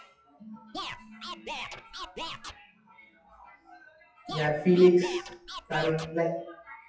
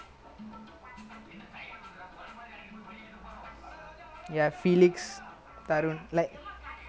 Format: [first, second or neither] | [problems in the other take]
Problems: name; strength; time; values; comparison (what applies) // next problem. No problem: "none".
second | noise reduction (classical method WPE with log-MMSE)